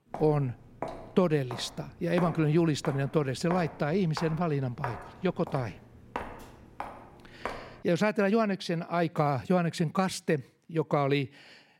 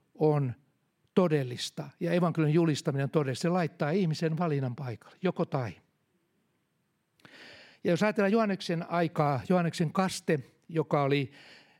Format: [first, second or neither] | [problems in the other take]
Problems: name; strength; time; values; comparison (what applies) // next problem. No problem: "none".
second | footsteps; noticeable; until 7.5 s; peak 9 dB below the speech